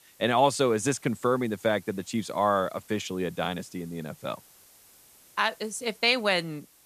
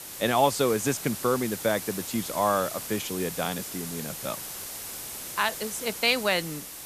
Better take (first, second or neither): first